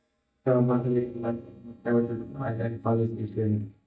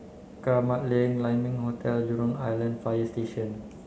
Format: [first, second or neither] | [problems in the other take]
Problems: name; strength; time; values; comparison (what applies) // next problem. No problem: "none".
second | noise reduction (neural mask model DeepFilterNet 3)